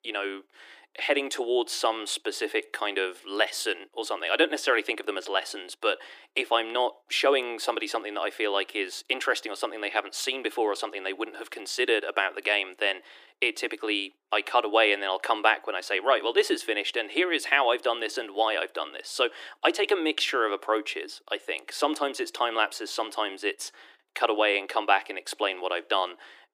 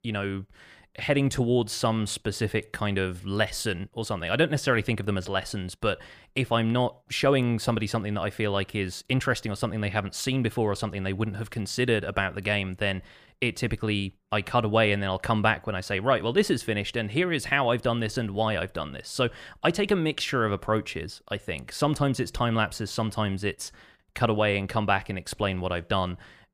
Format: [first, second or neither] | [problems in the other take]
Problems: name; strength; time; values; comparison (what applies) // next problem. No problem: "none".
second | thin; very; fading below 300 Hz